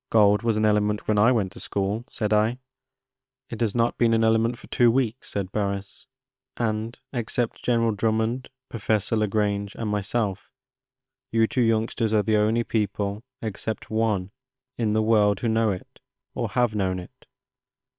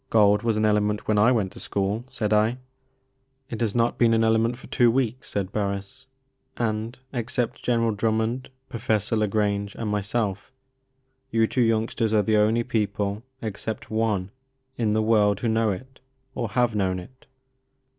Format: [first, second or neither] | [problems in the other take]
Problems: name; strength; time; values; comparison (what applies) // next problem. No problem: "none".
second | noise reduction (neural separator model SepFormer WHAM!)